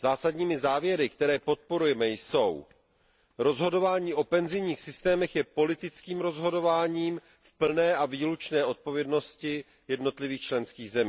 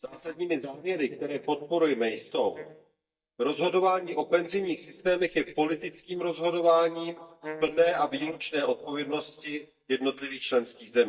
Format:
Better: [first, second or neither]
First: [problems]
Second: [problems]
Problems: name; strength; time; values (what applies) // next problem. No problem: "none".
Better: first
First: none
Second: noise reduction (neural mask model DeepFilterNet 3)